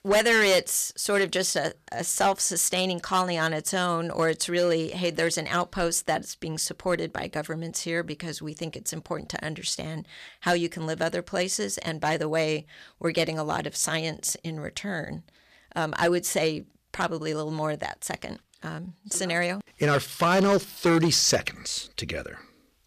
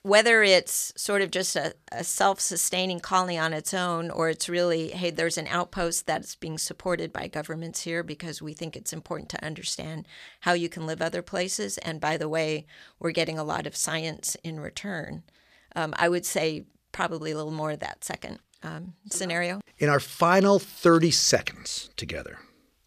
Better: second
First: distortion; slight; 3% of the sound clipped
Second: none

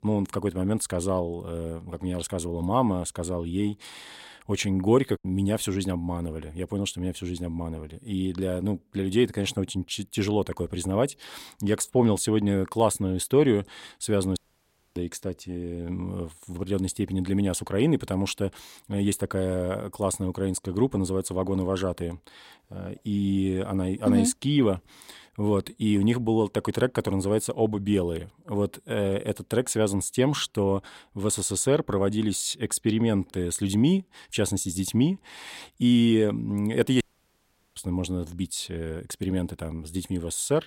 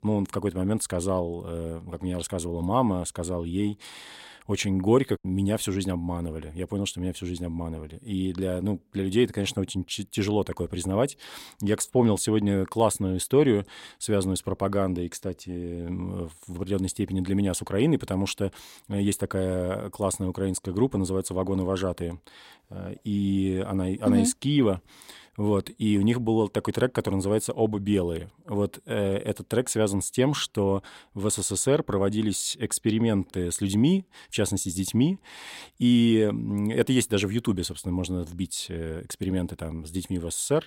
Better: second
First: audio cutting out; at 14 s for 0.5 s and at 37 s for 1 s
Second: none

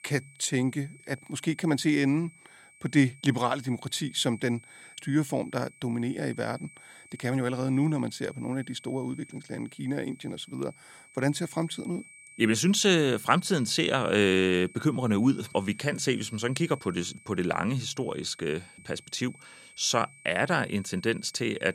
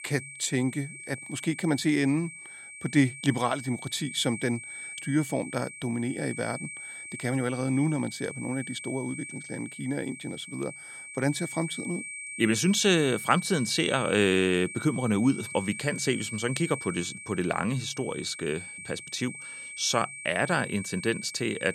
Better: first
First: high-pitched whine; faint; throughout; 2.5 kHz, 20 dB below the speech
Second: high-pitched whine; loud; throughout; 2.5 kHz, 10 dB below the speech

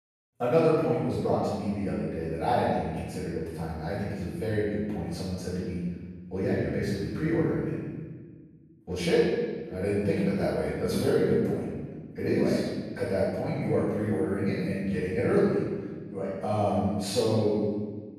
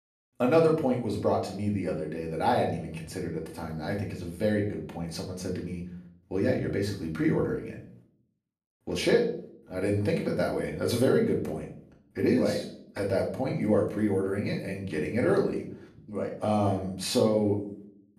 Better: second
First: room echo; strong; dies away in 1.5 s // off-mic speech; far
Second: room echo; slight; dies away in 0.5 s // off-mic speech; far

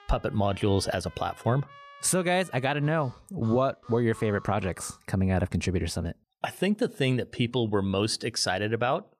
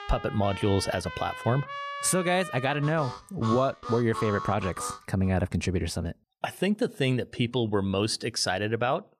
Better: first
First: background music; faint; until 5 s; 25 dB below the speech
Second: background music; loud; until 5 s; 9 dB below the speech

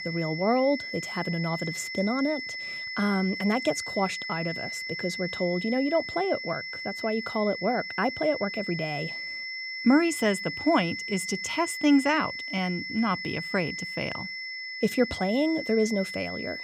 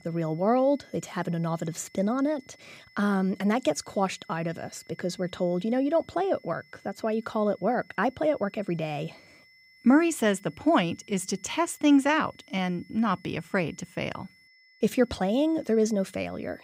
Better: second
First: high-pitched whine; loud; throughout; 2 kHz, 6 dB below the speech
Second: high-pitched whine; faint; throughout; 2 kHz, 30 dB below the speech

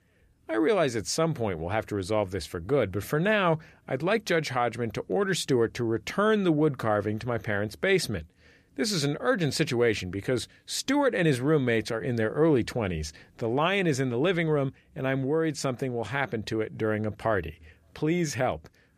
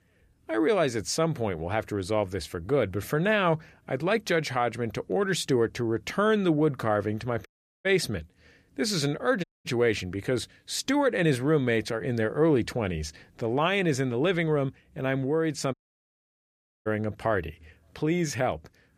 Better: first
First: none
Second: audio cutting out; at 7.5 s, at 9.5 s and at 16 s for 1 s

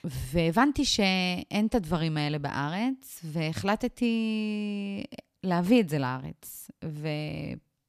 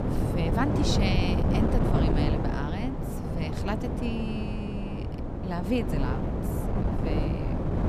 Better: first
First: none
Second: wind noise on the microphone; heavy; 1 dB above the speech

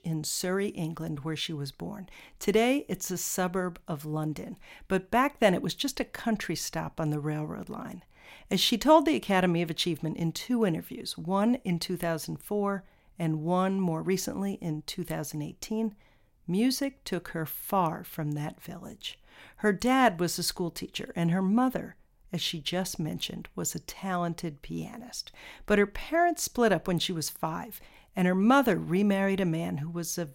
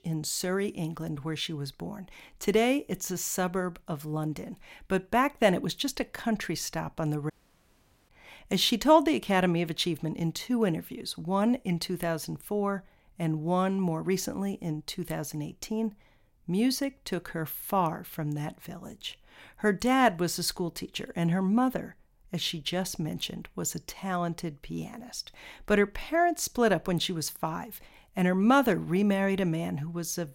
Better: first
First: none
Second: audio cutting out; at 7.5 s for 1 s

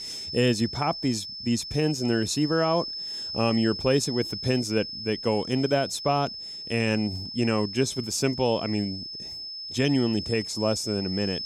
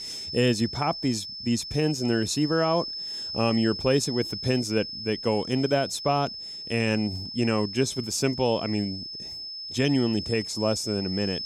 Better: neither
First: high-pitched whine; loud; throughout; 5 kHz, 7 dB below the speech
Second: high-pitched whine; loud; throughout; 5 kHz, 7 dB below the speech

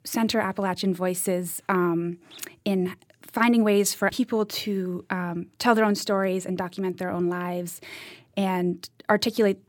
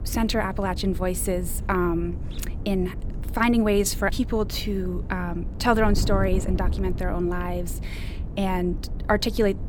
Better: first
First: none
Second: wind noise on the microphone; occasional gusts; 15 dB below the speech

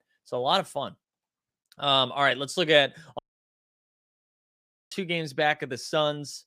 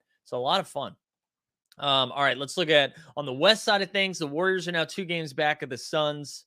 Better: second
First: audio cutting out; at 3 s for 1.5 s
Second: none

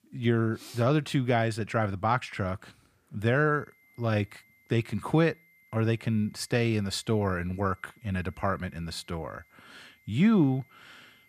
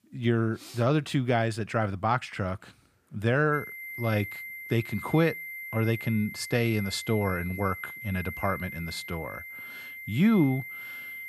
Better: first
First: high-pitched whine; faint; from 3.5 s on; 2 kHz, 30 dB below the speech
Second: high-pitched whine; loud; from 3.5 s on; 2 kHz, 10 dB below the speech

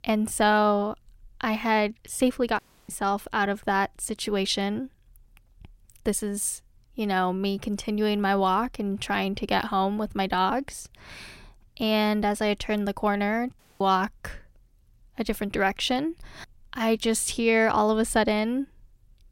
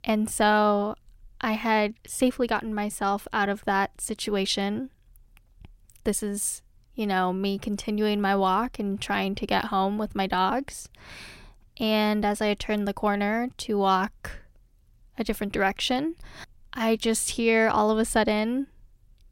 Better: second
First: audio cutting out; at 2.5 s and at 14 s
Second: none

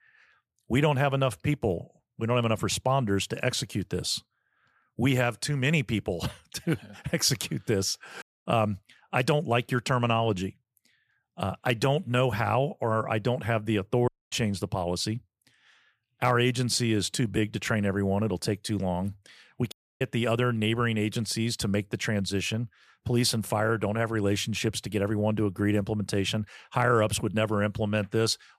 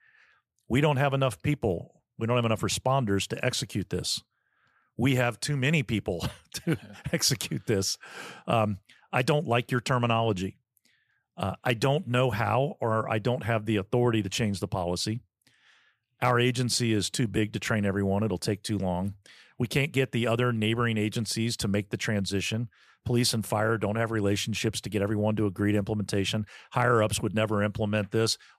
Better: second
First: audio cutting out; at 8 s, at 14 s and at 20 s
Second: none

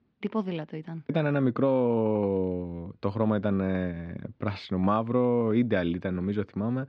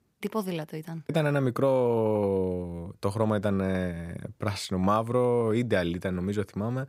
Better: second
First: muffled; slightly; fading above 4 kHz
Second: none

